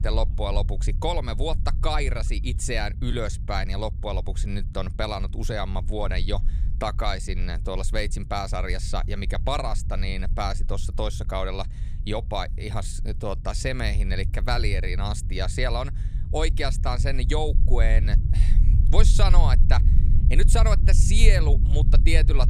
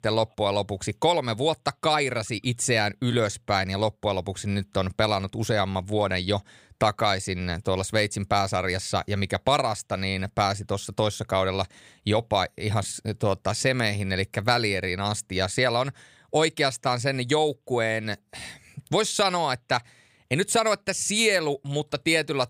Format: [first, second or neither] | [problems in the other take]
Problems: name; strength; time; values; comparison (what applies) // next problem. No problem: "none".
second | low rumble; noticeable; throughout; 15 dB below the speech